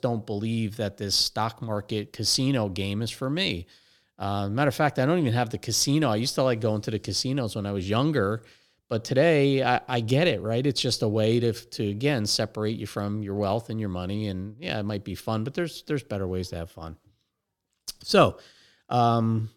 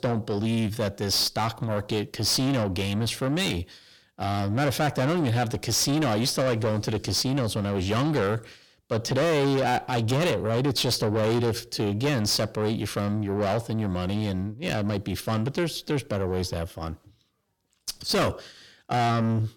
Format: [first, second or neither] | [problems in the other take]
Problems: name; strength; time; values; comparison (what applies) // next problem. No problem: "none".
first | distortion; heavy; 6 dB below the speech